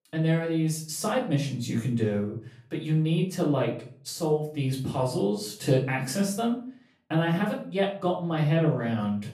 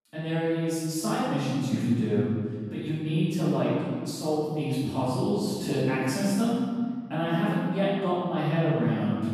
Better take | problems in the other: first | room echo; strong; dies away in 2 s; slight in the first // off-mic speech; far; far in the first

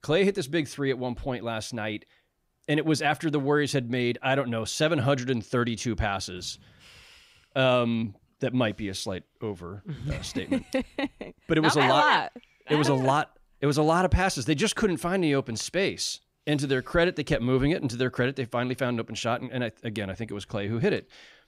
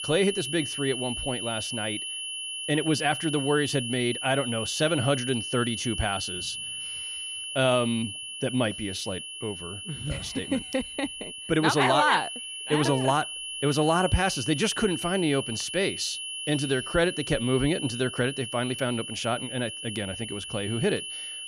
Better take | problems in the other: first | high-pitched whine; loud; throughout; 3 kHz, 6 dB below the speech

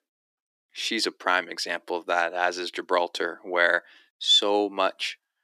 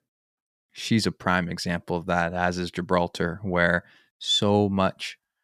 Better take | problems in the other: second | thin; very; fading below 300 Hz

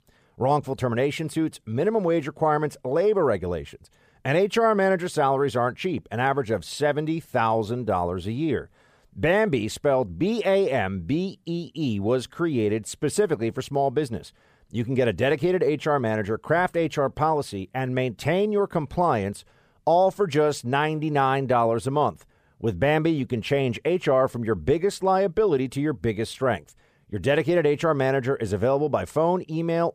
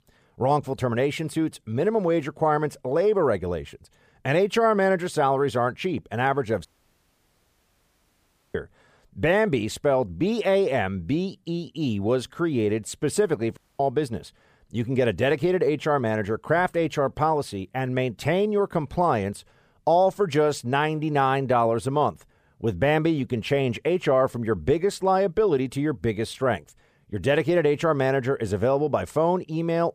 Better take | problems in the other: first | audio cutting out; at 6.5 s for 2 s and at 14 s

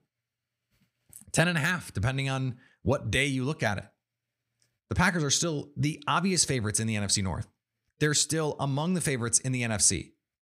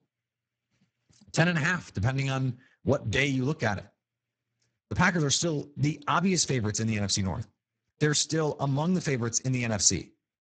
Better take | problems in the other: first | garbled, watery; badly; nothing above 7.5 kHz

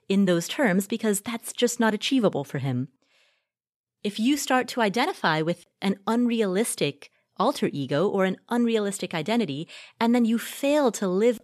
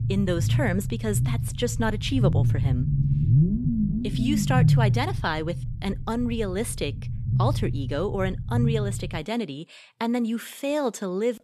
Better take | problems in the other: first | low rumble; loud; until 9 s; 6 dB below the speech

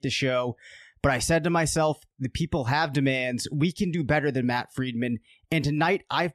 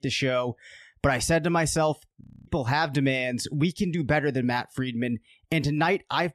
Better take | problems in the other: first | audio freezing; at 2 s

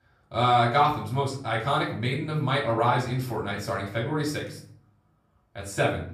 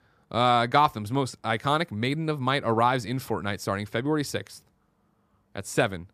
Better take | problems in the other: second | off-mic speech; far // room echo; slight; dies away in 0.5 s

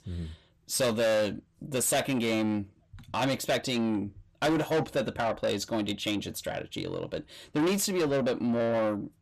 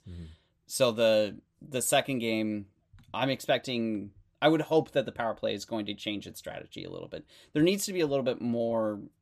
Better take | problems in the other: second | distortion; heavy; 7 dB below the speech

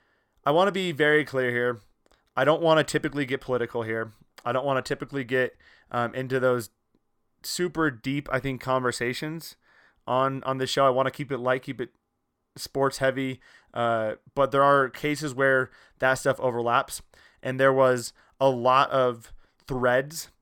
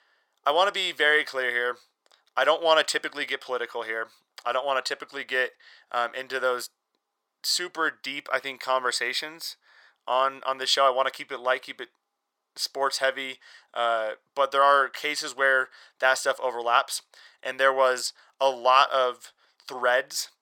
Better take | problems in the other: first | thin; very; fading below 700 Hz

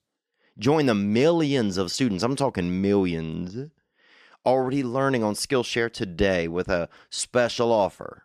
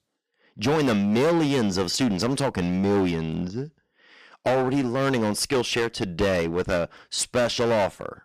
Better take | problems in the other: first | distortion; heavy; 14% of the sound clipped

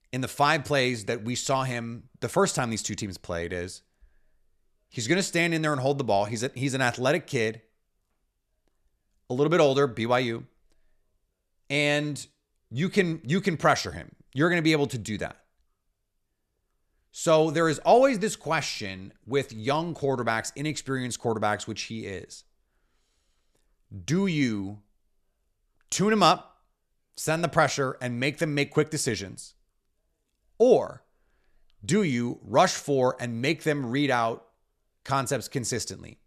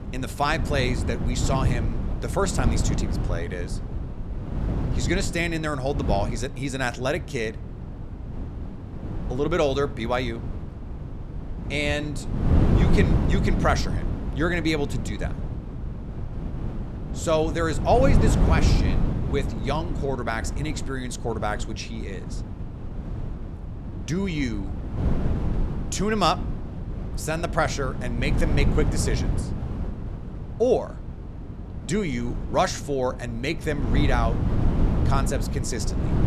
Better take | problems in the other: first | wind noise on the microphone; heavy; 10 dB below the speech

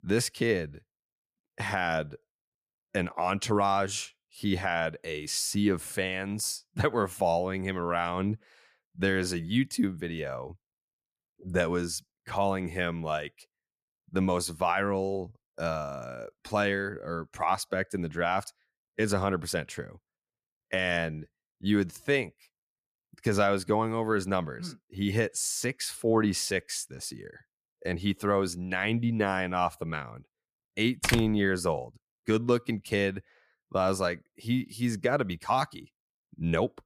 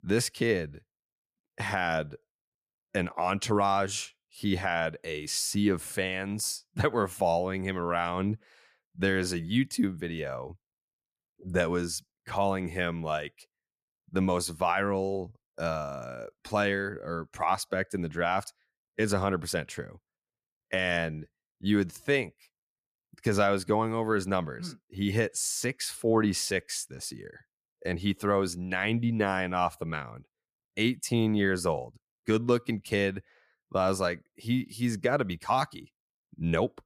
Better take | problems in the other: second | door banging; loud; at 31 s; peak level with the speech

